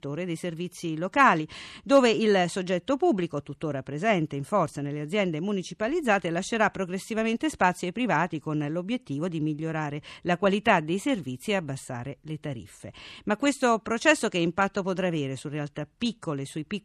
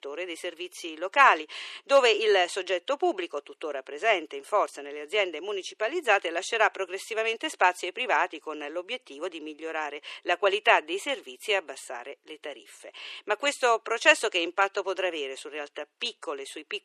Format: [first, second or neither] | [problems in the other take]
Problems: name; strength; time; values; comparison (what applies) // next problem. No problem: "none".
first | thin; very; fading below 400 Hz